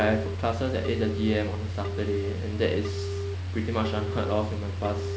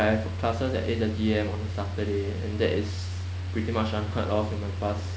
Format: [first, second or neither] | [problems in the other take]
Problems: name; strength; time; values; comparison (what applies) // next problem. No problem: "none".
second | background sound (Telephone); 11 dB below the speech